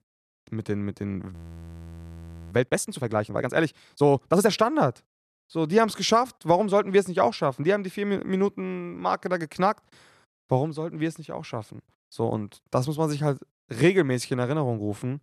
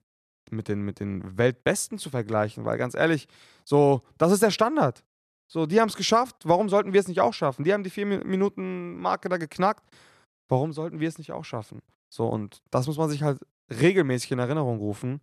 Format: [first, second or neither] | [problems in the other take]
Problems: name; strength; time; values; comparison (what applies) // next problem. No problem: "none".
second | audio freezing; at 1.5 s for 1 s